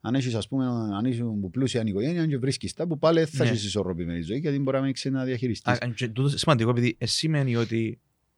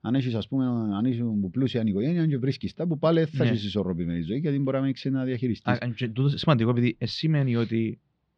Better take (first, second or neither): first